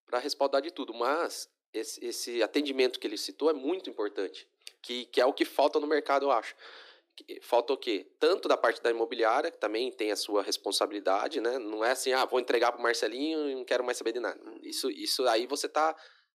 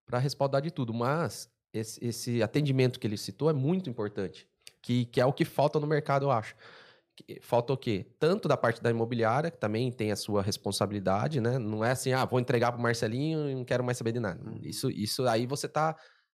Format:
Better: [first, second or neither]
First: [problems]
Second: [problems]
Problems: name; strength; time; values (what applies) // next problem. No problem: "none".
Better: second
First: thin; somewhat; fading below 300 Hz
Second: none